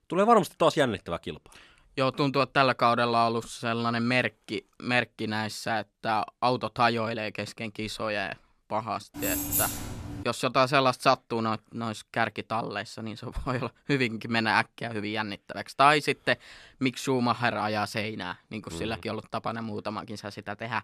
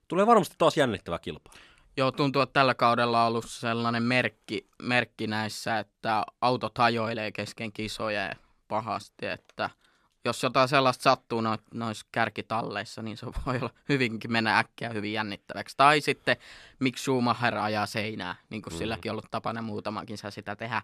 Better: second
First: jangling keys; loud; from 9 to 10 s; peak 2 dB above the speech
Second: none

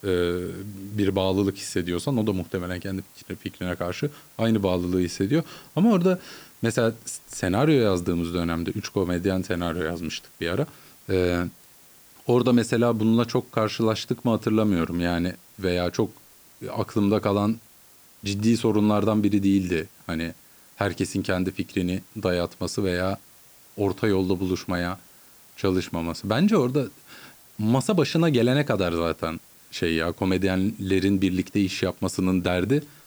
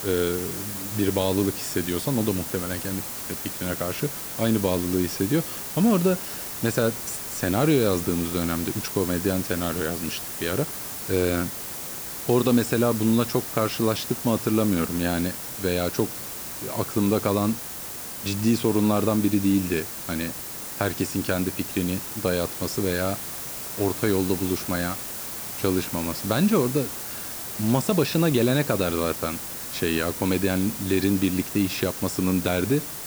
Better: first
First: hiss; faint; throughout; 25 dB below the speech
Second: hiss; loud; throughout; 6 dB below the speech

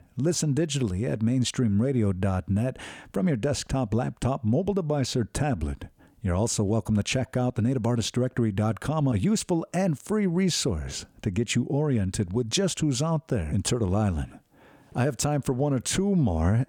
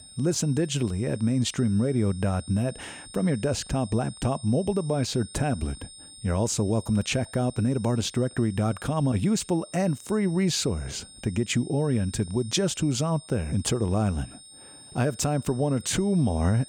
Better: first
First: none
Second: high-pitched whine; noticeable; throughout; 8.5 kHz, 20 dB below the speech

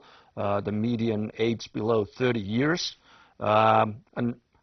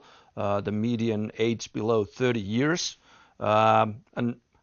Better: second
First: garbled, watery; badly; nothing above 6 kHz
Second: garbled, watery; slightly; nothing above 6.5 kHz

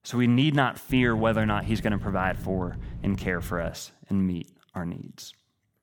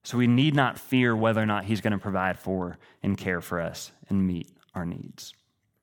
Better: second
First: low rumble; noticeable; from 1 to 3.5 s; 20 dB below the speech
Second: none

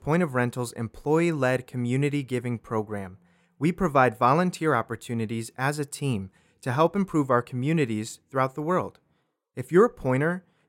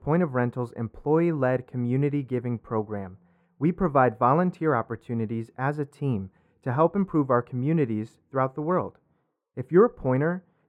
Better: first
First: none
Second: muffled; very; fading above 2.5 kHz

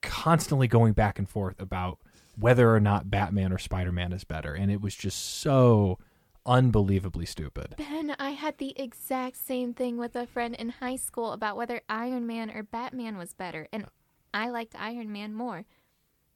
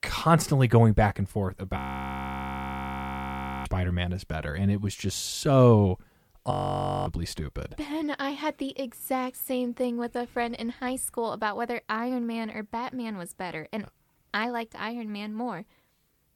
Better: first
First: none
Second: audio freezing; at 2 s for 2 s and at 6.5 s for 0.5 s

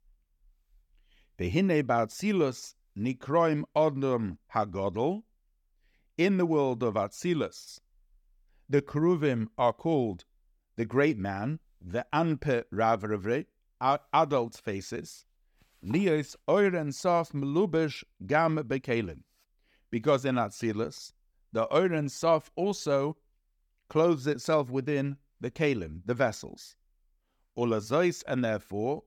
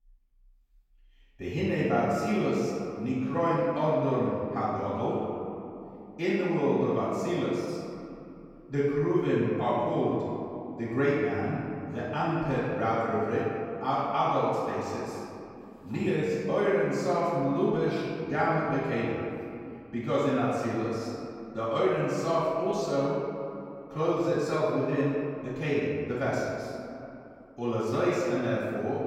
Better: first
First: none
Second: off-mic speech; far // room echo; strong; dies away in 2.6 s

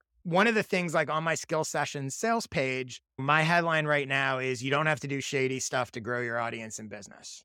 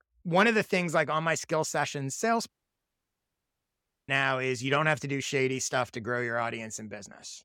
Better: first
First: none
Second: audio cutting out; at 2.5 s for 1.5 s

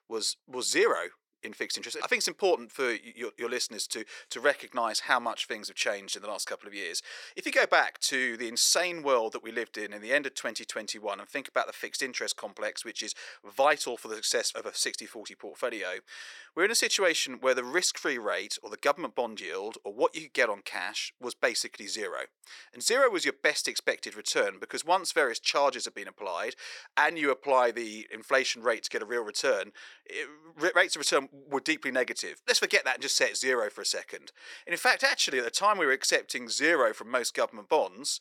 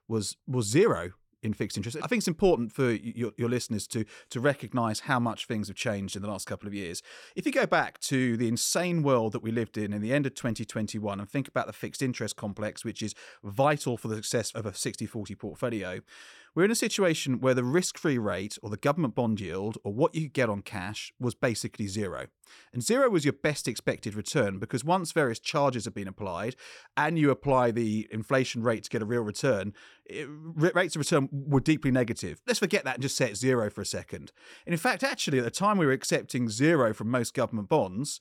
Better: second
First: thin; very; fading below 450 Hz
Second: none

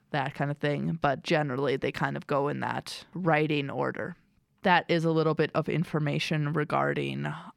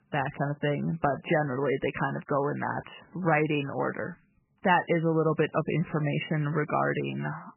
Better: first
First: none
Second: garbled, watery; badly; nothing above 3 kHz

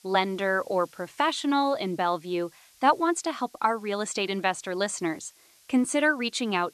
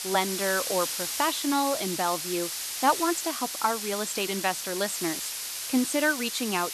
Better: first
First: hiss; faint; throughout; 30 dB below the speech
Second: hiss; loud; throughout; 3 dB below the speech

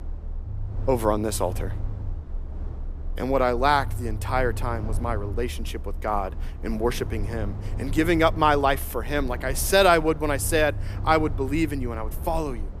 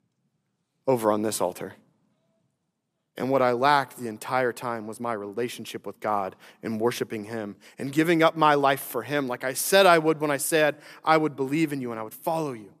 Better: second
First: low rumble; faint; throughout; 20 dB below the speech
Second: none

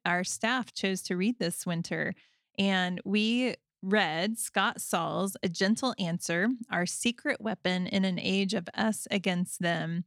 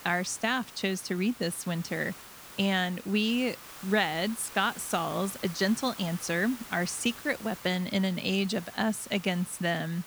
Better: first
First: none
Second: hiss; noticeable; throughout; 15 dB below the speech

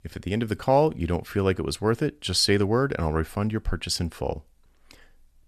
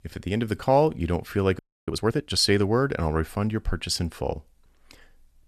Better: first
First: none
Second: audio freezing; at 1.5 s

